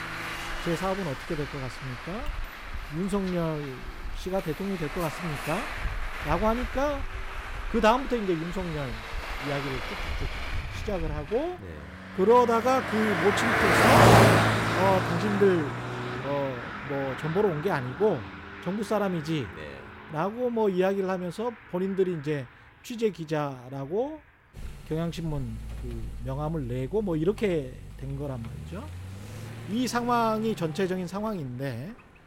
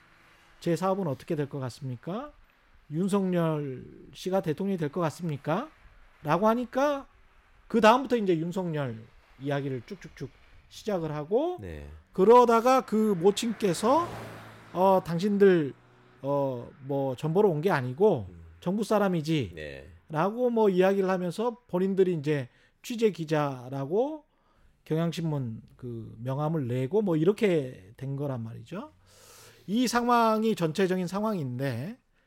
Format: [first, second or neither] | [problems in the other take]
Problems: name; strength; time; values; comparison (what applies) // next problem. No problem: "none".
second | traffic noise; loud; throughout; as loud as the speech; faint in the second